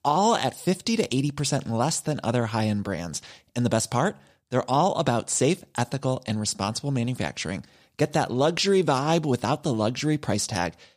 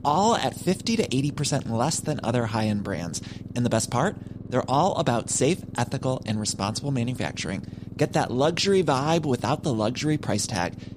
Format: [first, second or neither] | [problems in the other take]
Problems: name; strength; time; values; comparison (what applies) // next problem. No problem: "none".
first | low rumble; faint; throughout; 20 dB below the speech